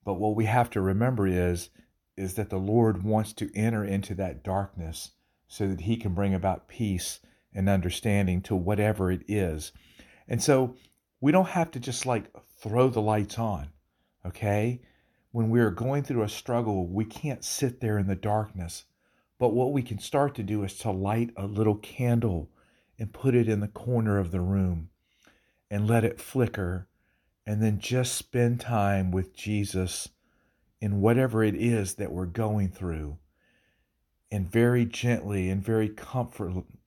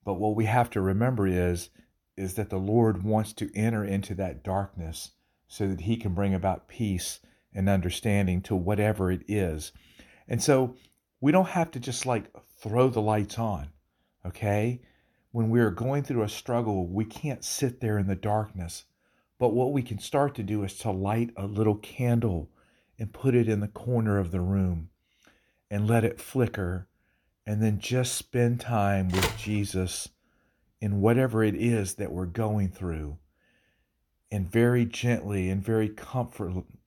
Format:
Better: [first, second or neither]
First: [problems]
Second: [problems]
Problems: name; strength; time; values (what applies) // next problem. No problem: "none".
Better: first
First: none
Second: phone ringing; noticeable; at 29 s; peak 1 dB below the speech